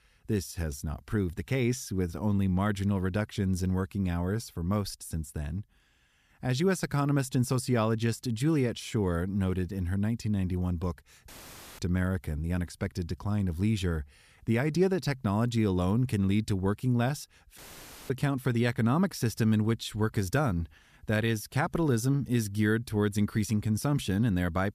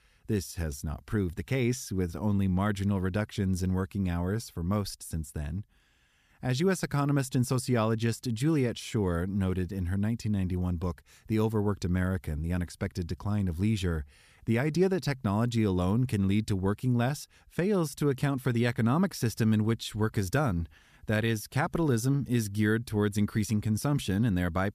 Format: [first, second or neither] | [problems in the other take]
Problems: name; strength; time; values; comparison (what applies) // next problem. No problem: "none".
second | audio cutting out; filled with static; at 11 s for 0.5 s and at 18 s for 0.5 s